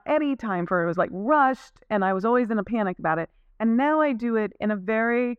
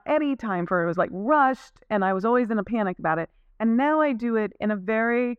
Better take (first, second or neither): neither